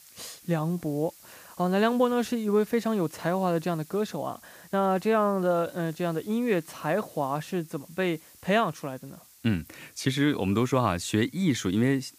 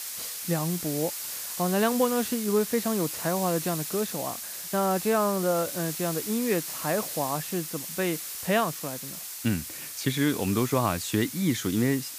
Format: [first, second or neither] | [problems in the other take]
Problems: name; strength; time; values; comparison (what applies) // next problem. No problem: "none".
first | hiss; loud; throughout; 5 dB below the speech; faint in the first